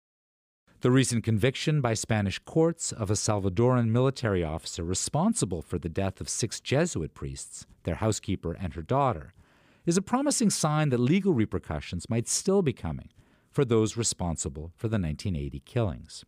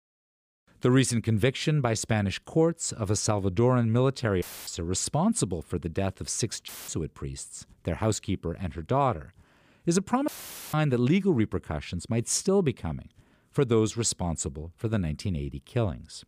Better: first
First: none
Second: audio cutting out; filled with static; at 4.5 s, at 6.5 s and at 10 s

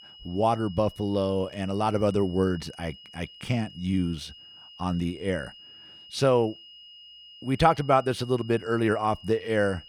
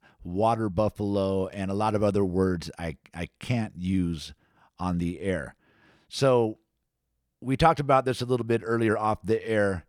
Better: second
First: high-pitched whine; noticeable; throughout; 3 kHz, 20 dB below the speech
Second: none

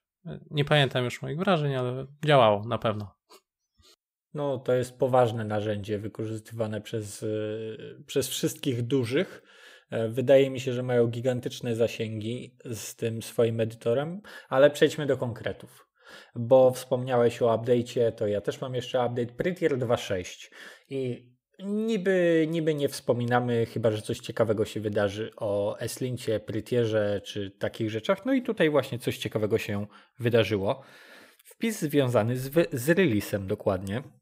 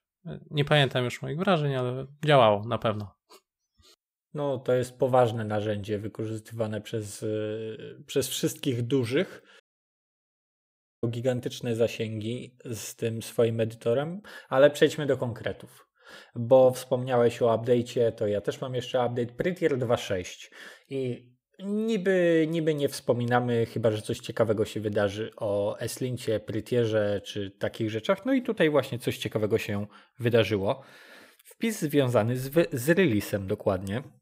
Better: first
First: none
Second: audio cutting out; at 9.5 s for 1.5 s

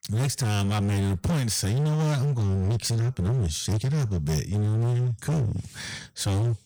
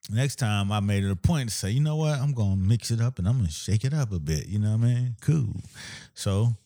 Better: second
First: distortion; heavy; 36% of the sound clipped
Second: none

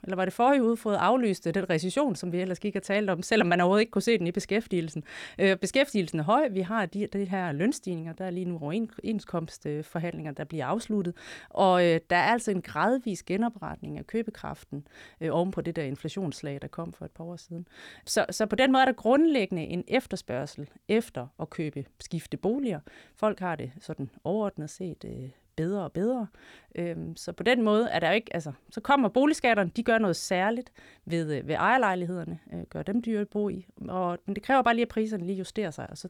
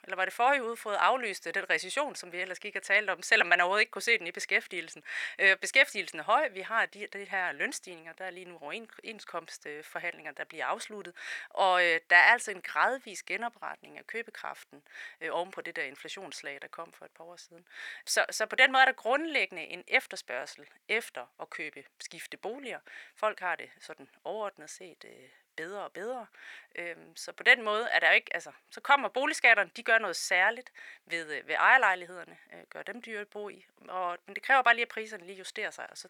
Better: first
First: none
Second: thin; very; fading below 750 Hz

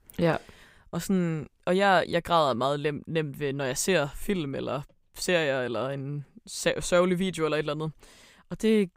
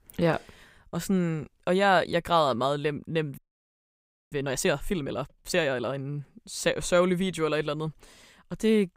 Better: first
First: none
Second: audio freezing; at 3.5 s for 1 s

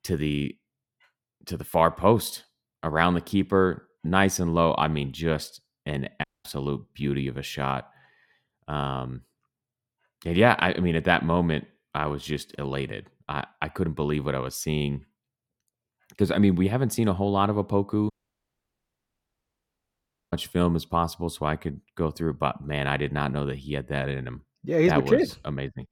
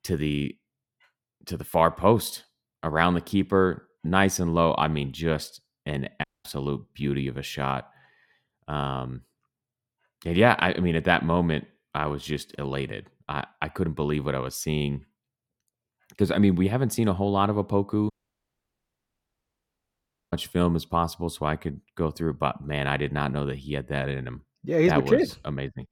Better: neither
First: audio cutting out; at 6 s and at 18 s for 2 s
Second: audio cutting out; at 6 s and at 18 s for 2 s

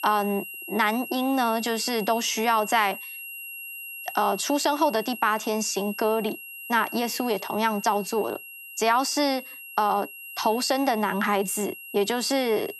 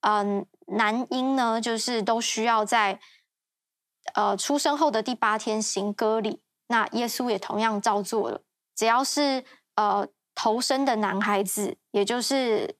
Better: second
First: high-pitched whine; noticeable; throughout; 3 kHz, 10 dB below the speech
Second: none

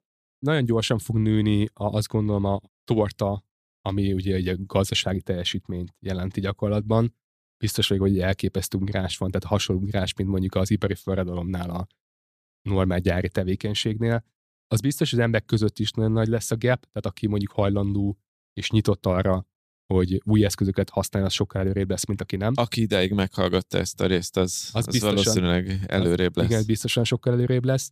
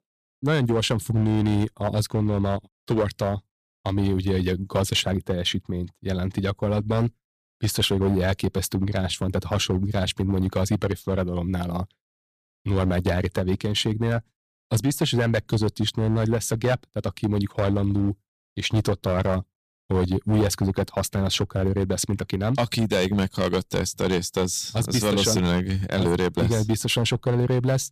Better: first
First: none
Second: distortion; slight; 7% of the sound clipped

